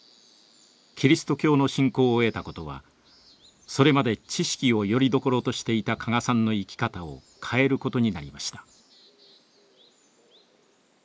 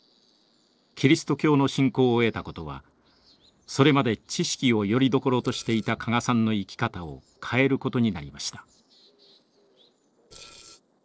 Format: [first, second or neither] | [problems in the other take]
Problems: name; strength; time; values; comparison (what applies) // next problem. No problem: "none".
first | noise reduction (neural separator model SepFormer DNS4)